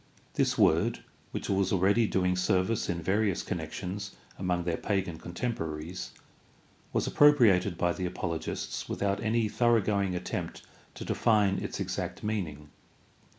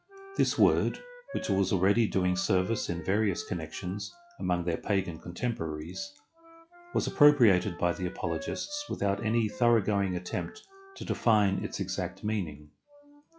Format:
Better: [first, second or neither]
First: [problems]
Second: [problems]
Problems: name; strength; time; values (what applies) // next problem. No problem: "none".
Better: first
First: none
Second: noise reduction (classical method log-MMSE)